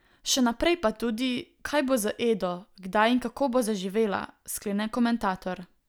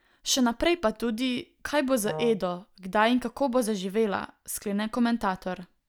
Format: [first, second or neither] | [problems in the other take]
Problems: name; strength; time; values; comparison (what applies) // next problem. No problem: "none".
first | noise reduction (neural mask model DeepFilterNet 3)